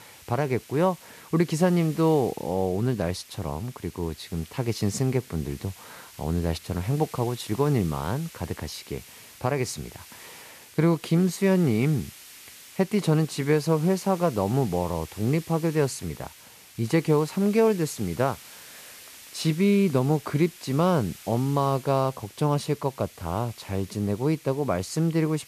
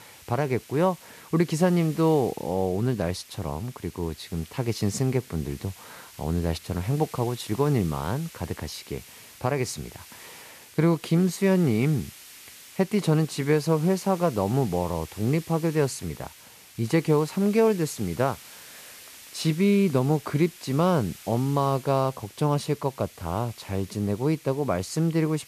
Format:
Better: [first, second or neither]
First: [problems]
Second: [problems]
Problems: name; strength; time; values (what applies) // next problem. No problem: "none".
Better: neither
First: hiss; noticeable; throughout; 20 dB below the speech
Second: hiss; noticeable; throughout; 20 dB below the speech